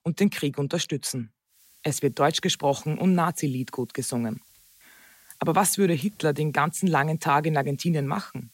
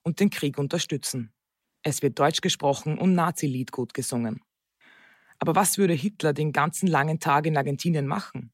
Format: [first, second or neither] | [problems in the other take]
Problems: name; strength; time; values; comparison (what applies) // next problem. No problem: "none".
second | hiss; faint; from 1.5 s on; 25 dB below the speech